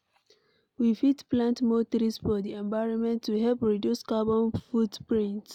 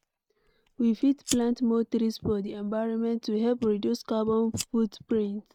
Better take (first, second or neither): first